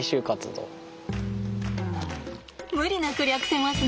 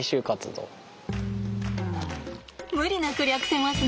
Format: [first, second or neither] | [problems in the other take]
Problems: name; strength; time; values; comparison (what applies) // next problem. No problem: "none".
second | background sound (Acoustic guitar); 18 dB below the speech